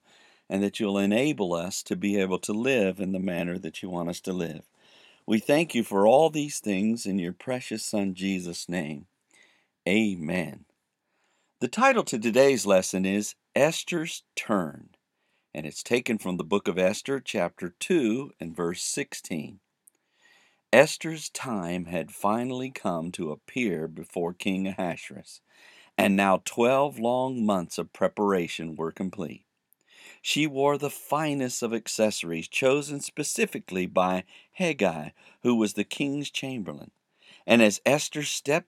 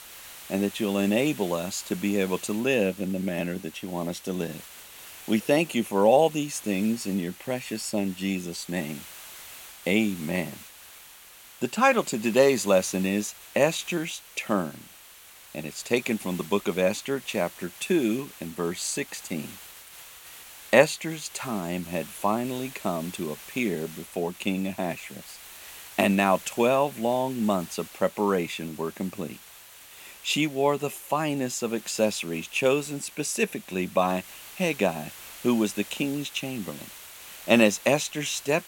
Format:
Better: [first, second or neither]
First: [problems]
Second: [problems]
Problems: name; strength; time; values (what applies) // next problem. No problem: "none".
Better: first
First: none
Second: hiss; noticeable; throughout; 15 dB below the speech